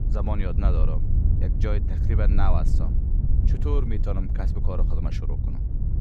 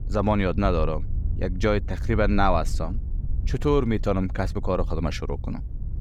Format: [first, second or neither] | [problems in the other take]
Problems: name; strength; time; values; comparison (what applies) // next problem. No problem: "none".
second | wind noise on the microphone; heavy; 5 dB below the speech; occasional gusts in the second